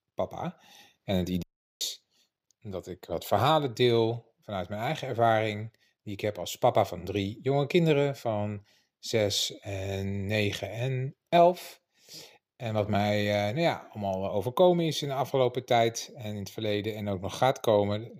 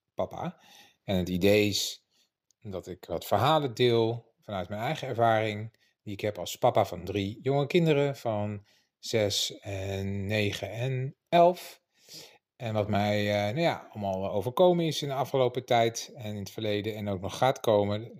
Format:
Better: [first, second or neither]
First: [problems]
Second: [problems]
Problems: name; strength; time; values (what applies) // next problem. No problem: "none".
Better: second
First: audio cutting out; at 1.5 s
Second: none